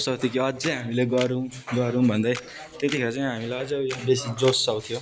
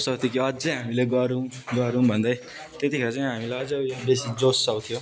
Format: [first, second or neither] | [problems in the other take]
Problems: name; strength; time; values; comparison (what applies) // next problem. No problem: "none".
second | background sound (Camera); 17 dB below the speech